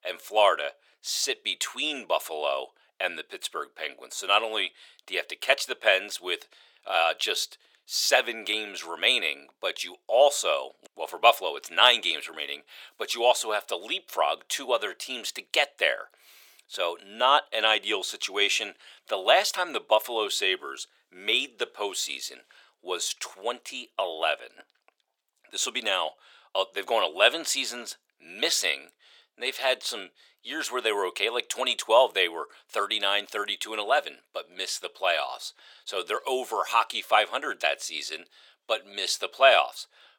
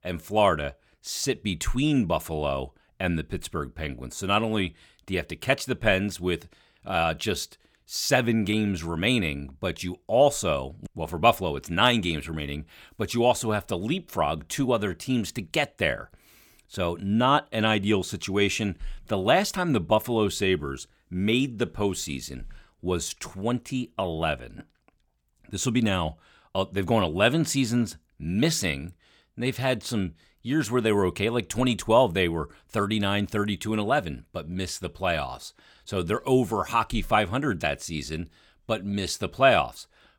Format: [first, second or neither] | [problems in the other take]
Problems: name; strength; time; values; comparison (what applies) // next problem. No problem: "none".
second | thin; very; fading below 450 Hz